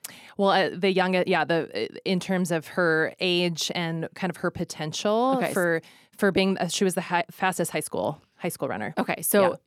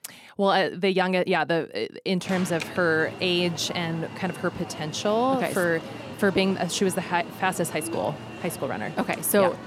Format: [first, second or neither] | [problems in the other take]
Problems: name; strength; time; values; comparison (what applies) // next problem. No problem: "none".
first | alarm; noticeable; from 2 s on; peak 8 dB below the speech